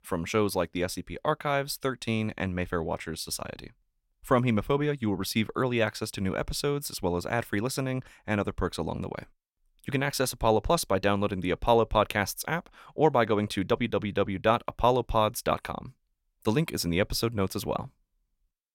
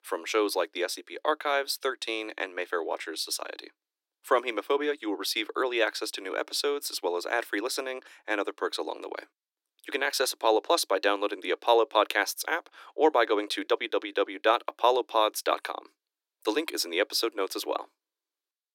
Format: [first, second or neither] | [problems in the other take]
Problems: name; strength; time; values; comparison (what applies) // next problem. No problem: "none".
first | thin; very; fading below 300 Hz